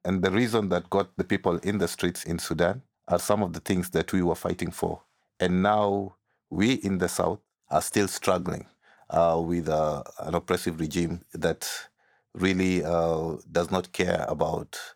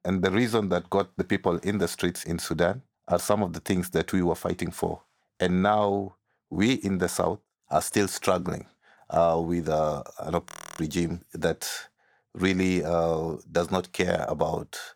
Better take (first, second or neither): first